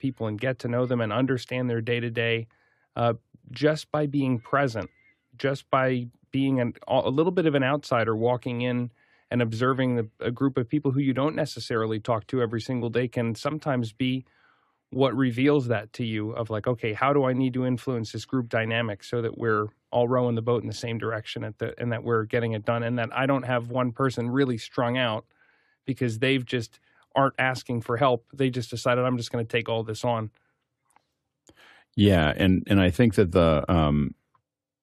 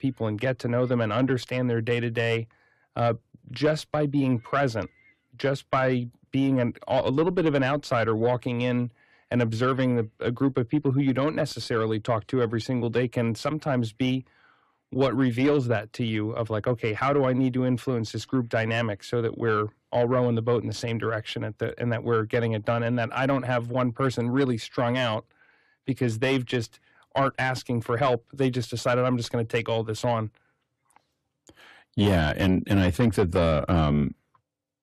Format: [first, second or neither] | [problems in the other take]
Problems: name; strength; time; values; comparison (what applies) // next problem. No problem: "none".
first | distortion; slight; 10 dB below the speech